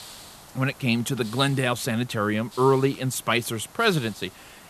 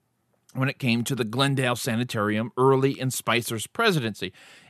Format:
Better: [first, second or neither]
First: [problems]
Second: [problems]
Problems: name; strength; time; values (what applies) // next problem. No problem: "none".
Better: second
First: hiss; faint; throughout; 20 dB below the speech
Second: none